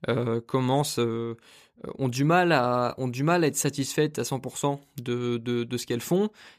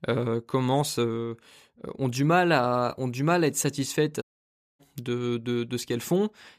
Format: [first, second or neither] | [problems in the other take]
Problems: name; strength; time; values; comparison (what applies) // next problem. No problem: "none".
first | audio cutting out; at 4 s for 0.5 s